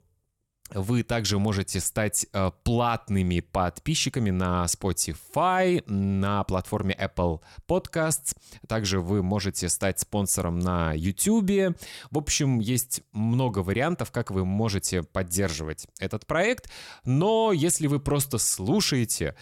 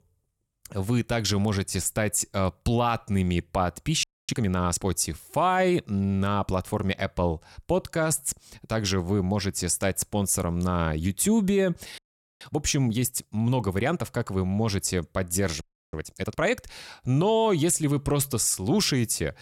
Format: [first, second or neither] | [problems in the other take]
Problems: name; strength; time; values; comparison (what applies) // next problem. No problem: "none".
first | audio freezing; at 4 s, at 12 s and at 16 s